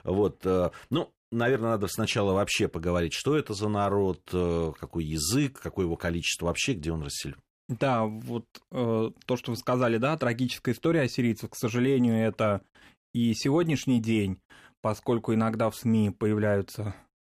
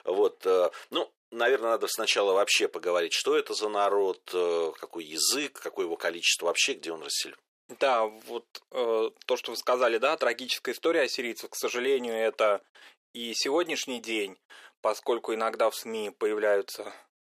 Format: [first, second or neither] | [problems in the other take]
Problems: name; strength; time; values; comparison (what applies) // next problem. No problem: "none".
first | thin; very; fading below 450 Hz